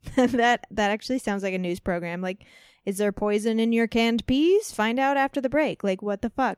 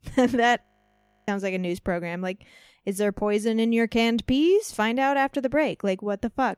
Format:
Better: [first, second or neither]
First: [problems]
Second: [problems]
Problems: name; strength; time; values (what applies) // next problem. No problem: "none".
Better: first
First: none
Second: audio freezing; at 0.5 s for 0.5 s